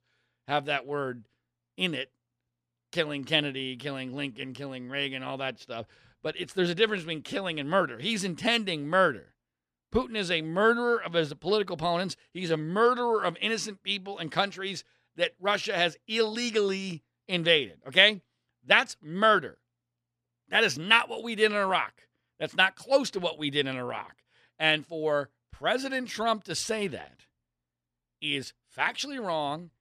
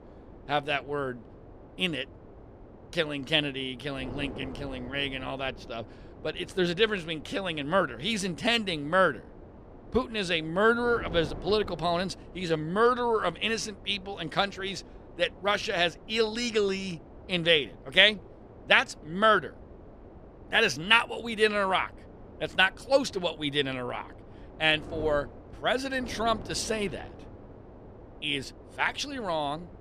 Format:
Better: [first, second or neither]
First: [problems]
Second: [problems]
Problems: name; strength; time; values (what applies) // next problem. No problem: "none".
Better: first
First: none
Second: wind noise on the microphone; occasional gusts; 25 dB below the speech